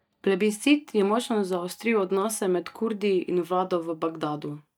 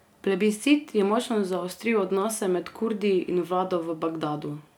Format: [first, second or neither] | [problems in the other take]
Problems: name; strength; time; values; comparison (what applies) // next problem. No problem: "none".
second | noise reduction (neural mask model DeepFilterNet 3)